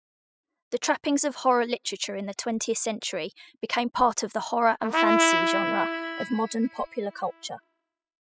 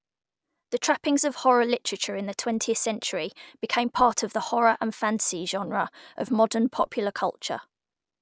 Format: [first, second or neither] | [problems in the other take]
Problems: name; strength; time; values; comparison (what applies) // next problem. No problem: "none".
second | noise reduction (classical method spectral subtraction)